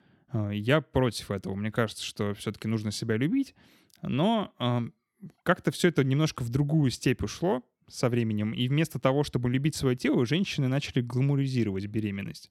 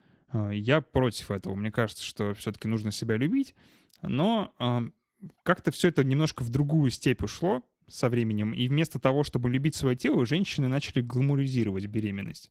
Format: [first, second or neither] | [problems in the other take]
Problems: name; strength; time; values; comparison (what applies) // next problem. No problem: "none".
first | garbled, watery; slightly; nothing above 15.5 kHz